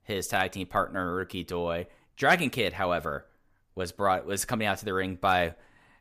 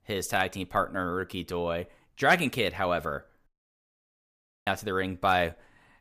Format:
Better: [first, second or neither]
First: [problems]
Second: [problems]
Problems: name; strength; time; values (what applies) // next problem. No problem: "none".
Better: first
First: none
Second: audio cutting out; at 3.5 s for 1 s